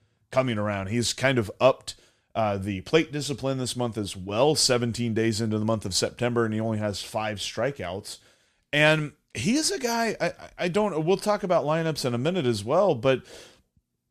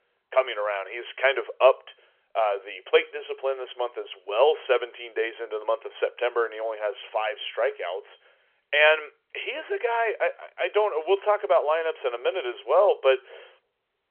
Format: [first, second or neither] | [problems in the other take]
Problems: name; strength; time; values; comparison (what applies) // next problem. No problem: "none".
first | phone-call audio; nothing above 3.5 kHz